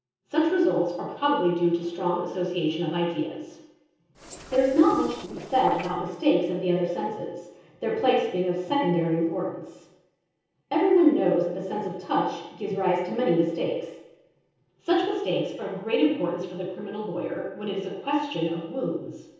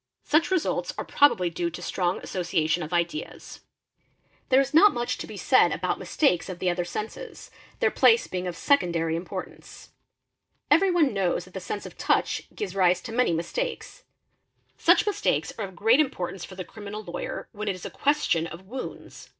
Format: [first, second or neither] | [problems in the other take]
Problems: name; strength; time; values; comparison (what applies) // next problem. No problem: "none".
second | noise reduction (neural separator model SepFormer DNS4)